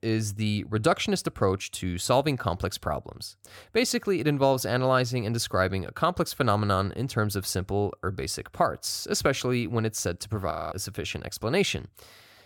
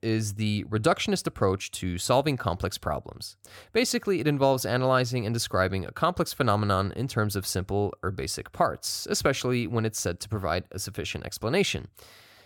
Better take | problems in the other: second | audio freezing; at 11 s

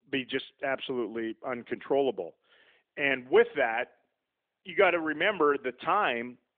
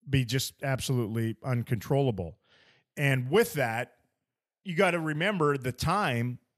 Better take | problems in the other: second | phone-call audio

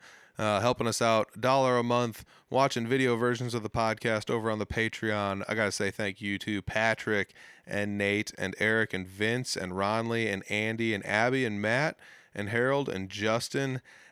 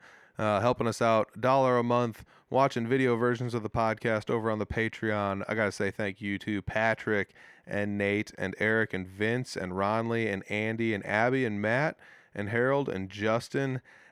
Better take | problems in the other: first | muffled; slightly; fading above 2.5 kHz

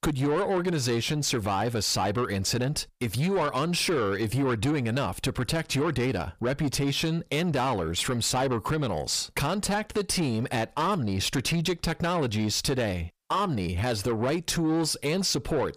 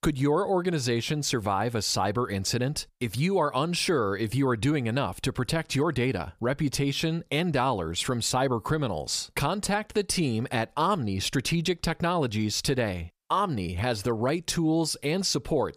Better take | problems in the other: second | distortion; slight; 10 dB below the speech

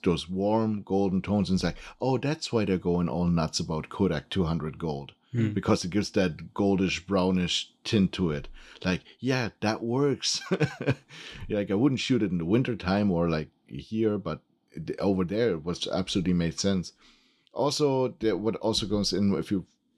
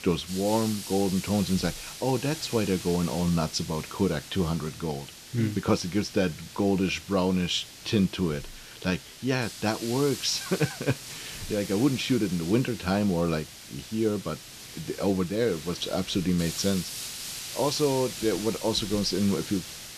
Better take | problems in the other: first | hiss; noticeable; throughout; 10 dB below the speech

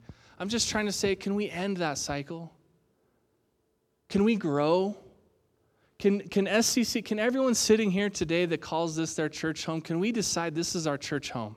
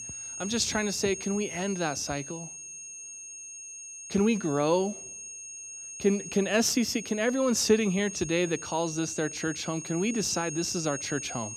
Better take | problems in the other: first | high-pitched whine; loud; throughout; 6.5 kHz, 9 dB below the speech

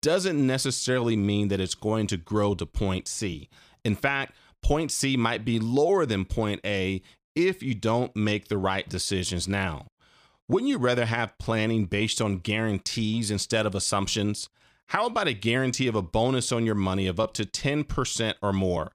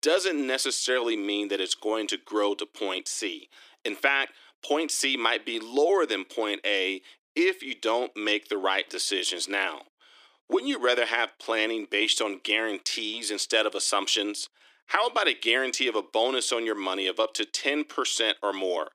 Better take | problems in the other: first | thin; somewhat; fading below 300 Hz

